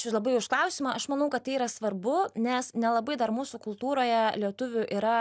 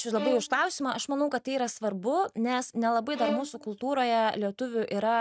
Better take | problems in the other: first | noise reduction (neural mask model RNNoise)

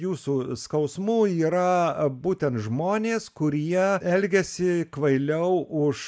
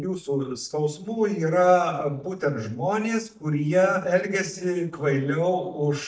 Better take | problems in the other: first | noise reduction (neural mask model DeepFilterNet 3)

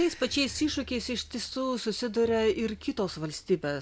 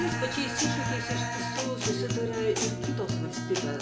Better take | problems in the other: first | background sound (Guitar); 2 dB above the speech // room echo; dies away in 1.6 s

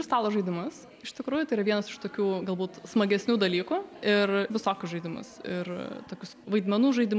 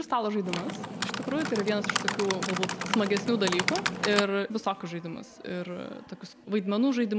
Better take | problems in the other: first | background sound (Typing); 2 dB below the speech

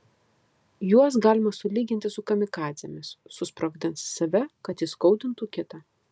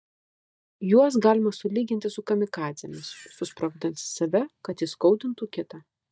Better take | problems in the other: first | noise reduction (neural mask model DeepFilterNet 3)

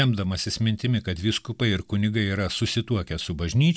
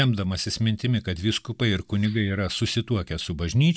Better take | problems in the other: first | noise reduction (neural mask model DeepFilterNet 3)

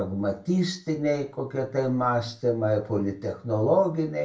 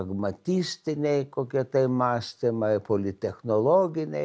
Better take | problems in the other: second | room echo; dies away in 0.3 s

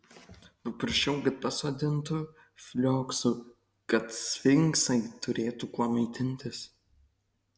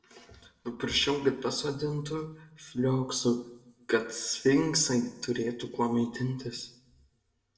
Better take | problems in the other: first | room echo; dies away in 0.5 s

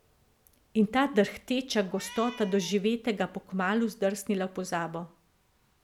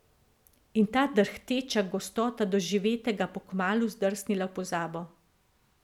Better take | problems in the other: second | background sound (Meow); 17 dB below the speech

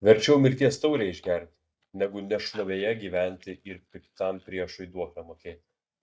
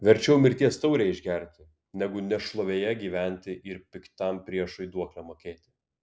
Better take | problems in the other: second | noise reduction (neural mask model DeepFilterNet 3)

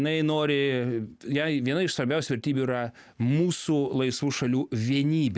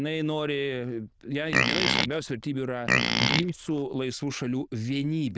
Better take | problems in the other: first | noise reduction (neural diffusion model UNIVERSE++)

